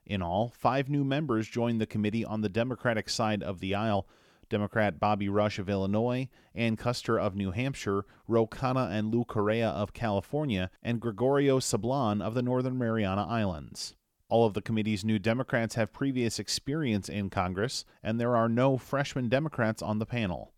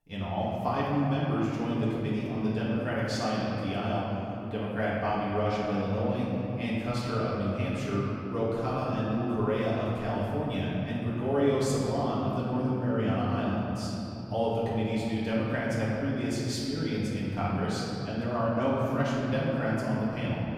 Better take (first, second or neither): first